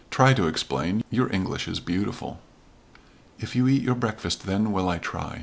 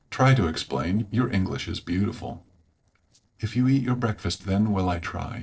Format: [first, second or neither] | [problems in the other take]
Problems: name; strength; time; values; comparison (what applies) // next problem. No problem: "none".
first | noise reduction (neural separator model SepFormer DNS4)